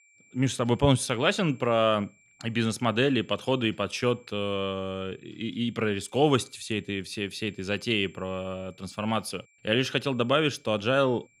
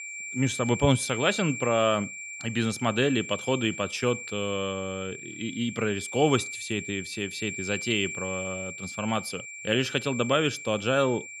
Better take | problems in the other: first | high-pitched whine; loud; throughout; 2.5 kHz, 8 dB below the speech; faint in the first

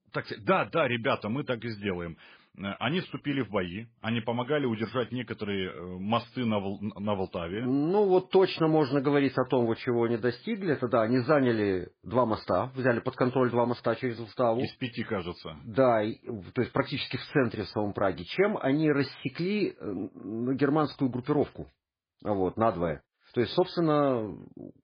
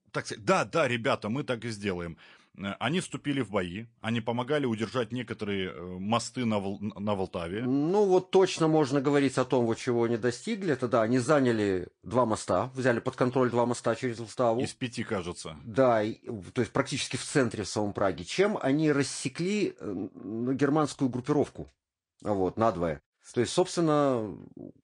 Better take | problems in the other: second | garbled, watery; badly; slightly in the second

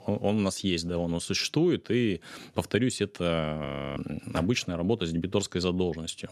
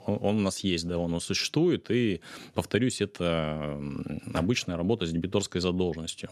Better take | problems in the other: second | audio freezing; at 3.5 s

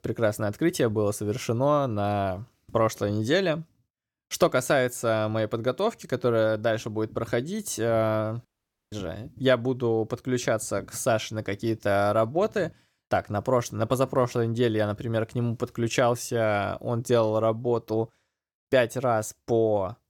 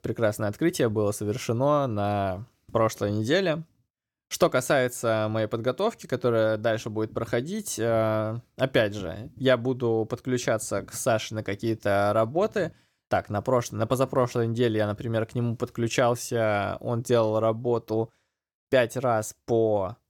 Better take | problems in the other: second | audio cutting out; at 8.5 s

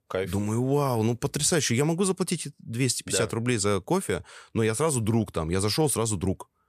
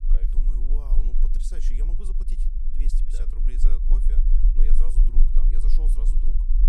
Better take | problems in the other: first | low rumble; loud; throughout; 2 dB below the speech

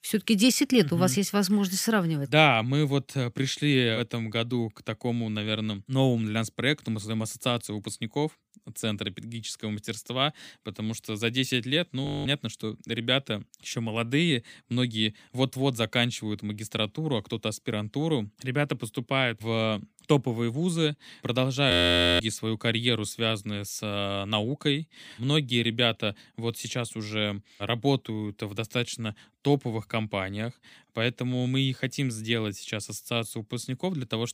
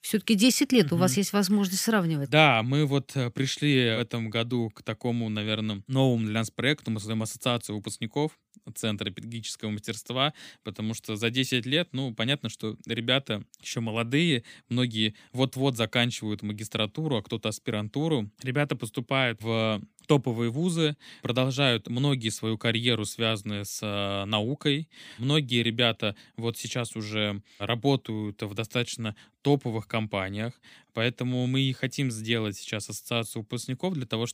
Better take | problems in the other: second | audio freezing; at 12 s and at 22 s

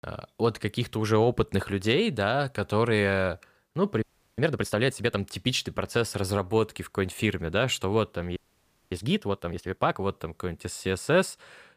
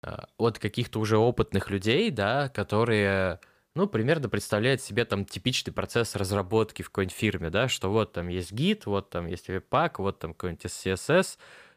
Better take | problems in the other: second | audio freezing; at 4 s and at 8.5 s for 0.5 s

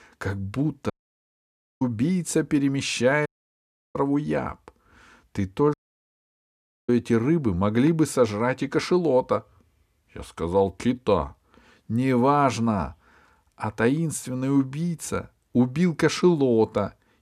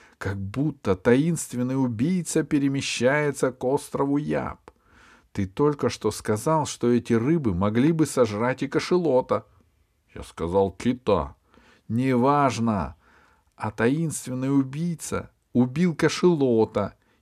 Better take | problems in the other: second | audio cutting out; at 1 s for 1 s, at 3.5 s for 0.5 s and at 5.5 s for 1 s

